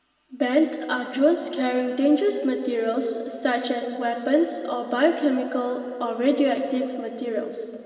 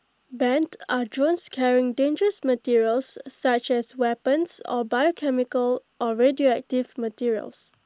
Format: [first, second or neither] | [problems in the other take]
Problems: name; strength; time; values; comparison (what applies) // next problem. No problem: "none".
second | room echo; dies away in 2.7 s